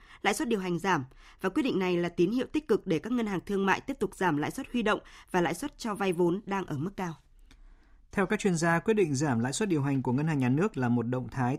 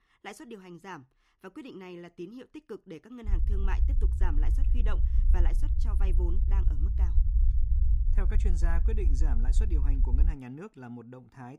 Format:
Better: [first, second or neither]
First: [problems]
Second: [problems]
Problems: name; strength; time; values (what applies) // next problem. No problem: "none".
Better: first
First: none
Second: low rumble; loud; from 3.5 to 10 s; 5 dB below the speech